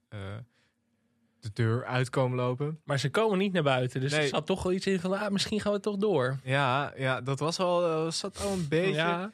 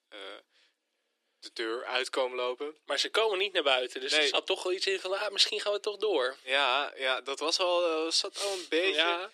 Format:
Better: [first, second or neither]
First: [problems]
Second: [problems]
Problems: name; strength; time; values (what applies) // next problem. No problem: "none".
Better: first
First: none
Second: thin; very; fading below 300 Hz